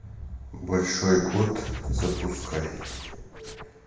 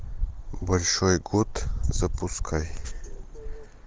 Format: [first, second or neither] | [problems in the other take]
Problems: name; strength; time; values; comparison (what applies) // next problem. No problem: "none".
second | background sound (Scratching (performance technique)); 13 dB below the speech // room echo; dies away in 0.9 s